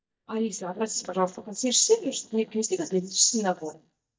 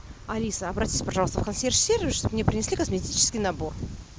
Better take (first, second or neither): second